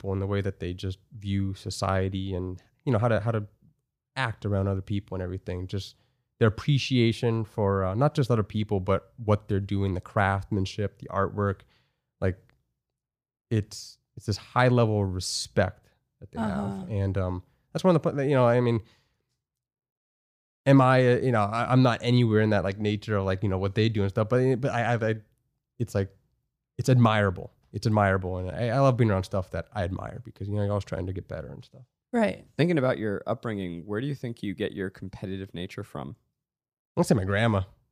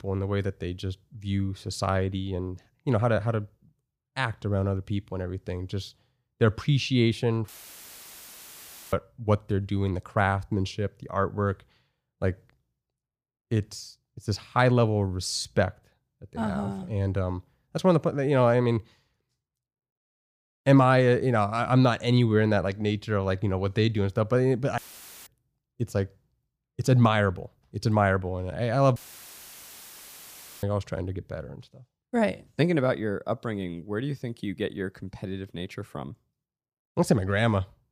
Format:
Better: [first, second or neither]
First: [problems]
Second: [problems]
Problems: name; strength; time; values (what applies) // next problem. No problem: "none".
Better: first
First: none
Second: audio cutting out; filled with static; at 7.5 s for 1.5 s, at 25 s and at 29 s for 1.5 s